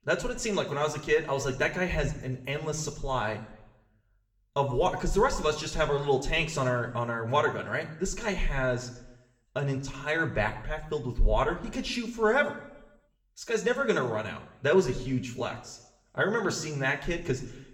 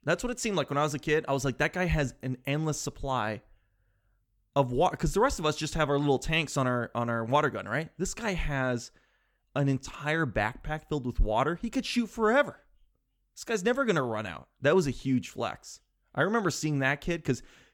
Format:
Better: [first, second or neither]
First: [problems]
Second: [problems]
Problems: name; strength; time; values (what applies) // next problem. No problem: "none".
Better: second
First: room echo; very slight; dies away in 0.7 s // off-mic speech; somewhat distant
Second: none